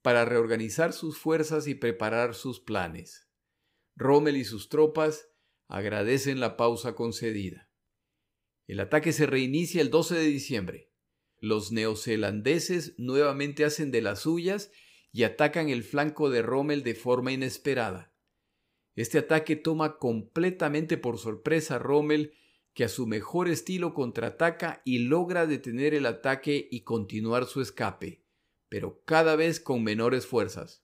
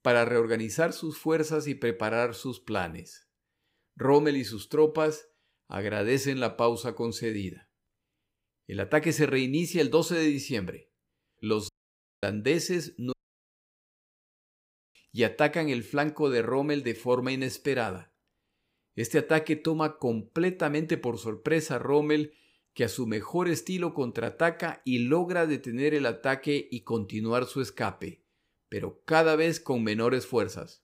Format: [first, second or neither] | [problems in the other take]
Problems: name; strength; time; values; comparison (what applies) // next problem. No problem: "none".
first | audio cutting out; at 12 s for 0.5 s and at 13 s for 2 s